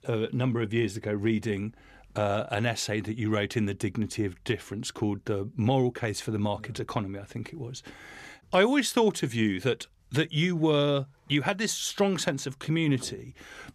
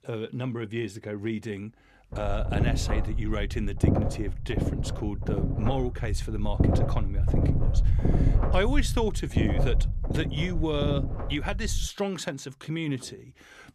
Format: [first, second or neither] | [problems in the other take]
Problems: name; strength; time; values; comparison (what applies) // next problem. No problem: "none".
first | low rumble; loud; from 2 to 12 s; 3 dB below the speech